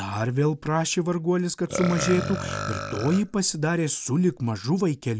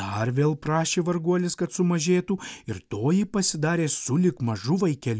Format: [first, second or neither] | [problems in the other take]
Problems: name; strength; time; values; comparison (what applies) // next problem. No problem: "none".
second | background sound (Burping, eructation); 8 dB below the speech